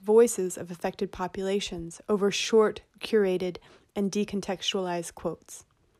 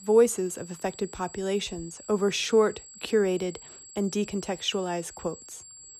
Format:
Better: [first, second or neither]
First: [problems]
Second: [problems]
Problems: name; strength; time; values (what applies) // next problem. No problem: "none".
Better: first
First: none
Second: high-pitched whine; noticeable; throughout; 7.5 kHz, 15 dB below the speech